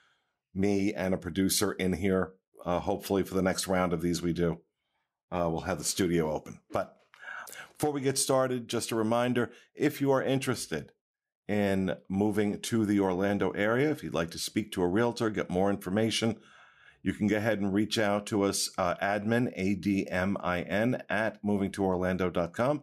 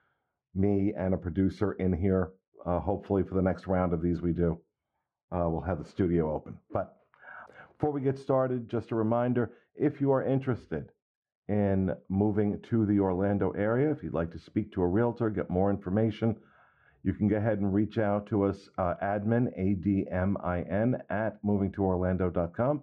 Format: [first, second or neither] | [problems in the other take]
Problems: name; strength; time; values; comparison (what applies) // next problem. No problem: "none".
first | muffled; very; fading above 1 kHz